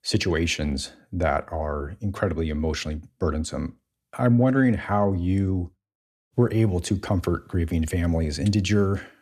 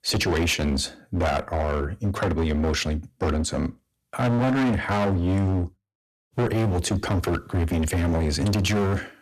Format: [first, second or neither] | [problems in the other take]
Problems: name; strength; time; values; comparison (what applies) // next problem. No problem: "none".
first | distortion; heavy; 22% of the sound clipped